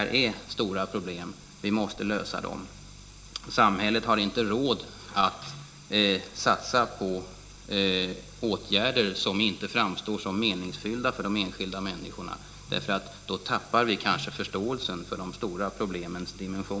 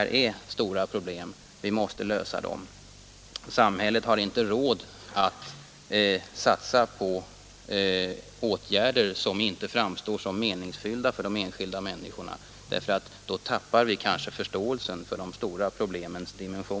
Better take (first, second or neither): second